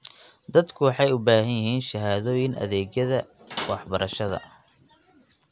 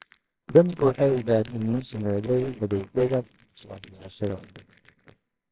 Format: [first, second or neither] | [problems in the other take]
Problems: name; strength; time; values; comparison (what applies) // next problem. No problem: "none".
first | noise reduction (neural separator model SepFormer WHAMR!)